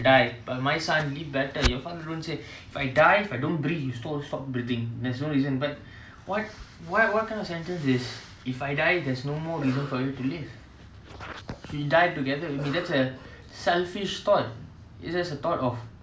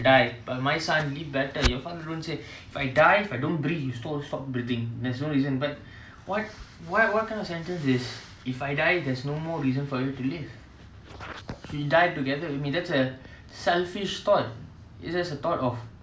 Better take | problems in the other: second | background sound (Cough); 19 dB below the speech

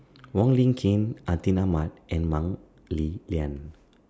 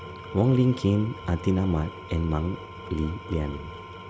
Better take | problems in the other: first | background sound (Engine / Tools); 14 dB below the speech

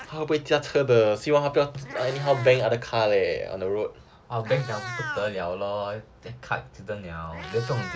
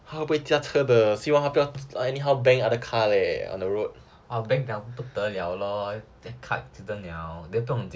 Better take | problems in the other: second | background sound (Meow); 16 dB below the speech

